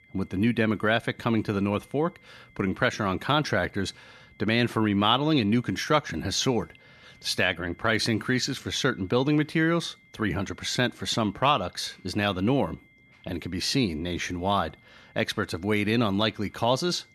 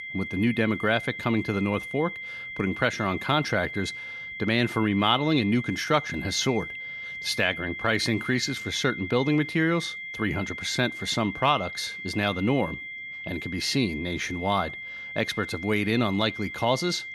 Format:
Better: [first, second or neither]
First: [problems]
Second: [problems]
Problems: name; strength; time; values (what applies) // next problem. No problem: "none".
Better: first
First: high-pitched whine; faint; throughout; 2 kHz, 30 dB below the speech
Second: high-pitched whine; loud; throughout; 2 kHz, 8 dB below the speech